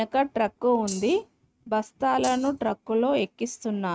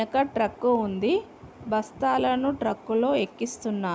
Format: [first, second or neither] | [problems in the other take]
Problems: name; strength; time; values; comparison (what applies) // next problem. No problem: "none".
second | noise reduction (neural mask model RNNoise)